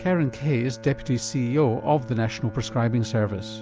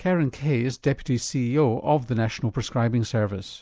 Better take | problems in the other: second | background sound (Bowed string instrument); 15 dB below the speech

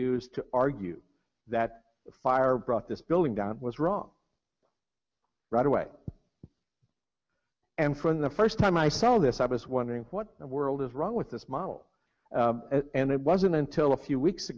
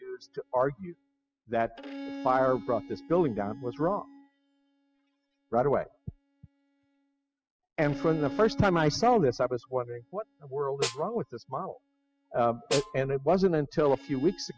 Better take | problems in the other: first | noise reduction (classical method spectral subtraction)

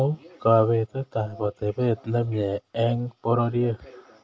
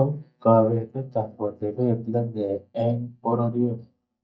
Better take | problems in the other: first | noise reduction (neural mask model DeepFilterNet 3)

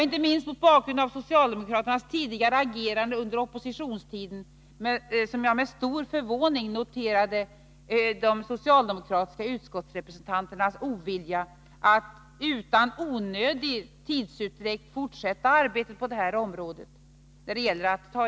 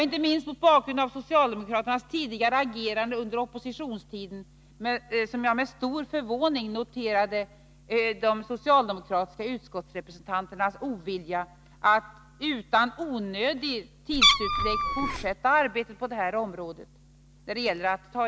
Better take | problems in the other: first | background sound (Meow); 4 dB above the speech

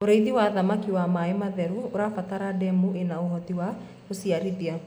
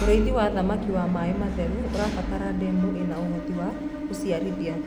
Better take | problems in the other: first | background sound (Engine / Mechanisms); 3 dB below the speech

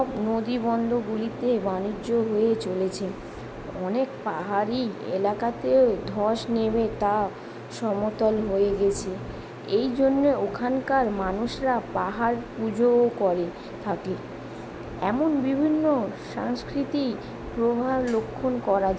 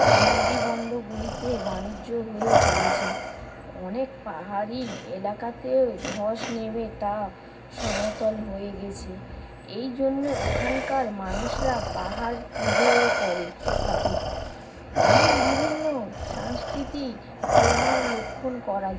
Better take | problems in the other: first | background sound (Respiratory sounds); 3 dB above the speech // room echo; dies away in 0.4 s

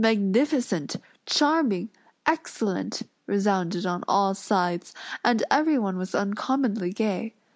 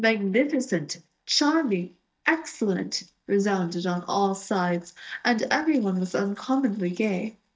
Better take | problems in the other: first | noise reduction (neural mask model DeepFilterNet 3)

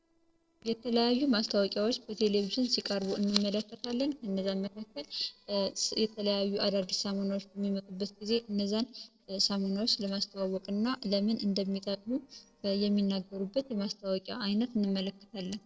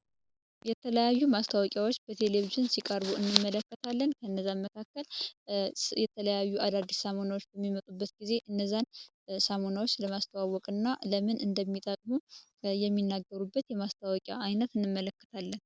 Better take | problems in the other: second | noise reduction (neural separator model SepFormer DNS4)

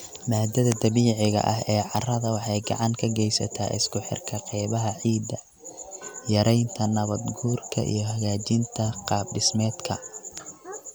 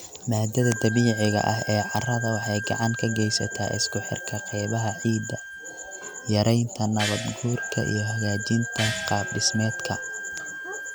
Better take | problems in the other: first | background sound (Wind instrument, woodwind instrument + Gong); 9 dB below the speech

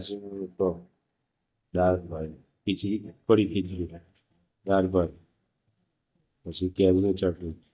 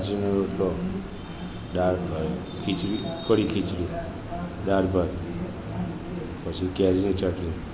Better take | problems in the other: second | noise reduction (neural mask model DeepFilterNet 3)

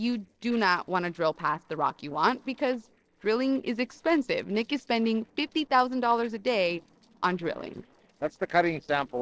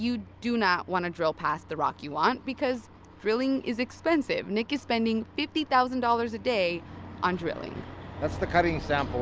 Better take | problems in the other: second | noise reduction (neural separator model SepFormer DNS4)

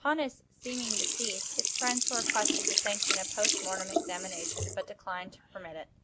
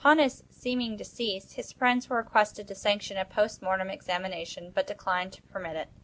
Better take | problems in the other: second | background sound (Sink (filling or washing)); 4 dB above the speech

